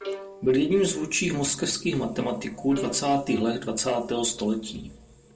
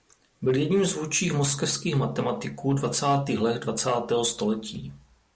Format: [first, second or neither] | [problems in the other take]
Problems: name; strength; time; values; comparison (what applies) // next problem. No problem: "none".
second | background sound (Bowed string instrument); 16 dB below the speech // room echo; dies away in 1.6 s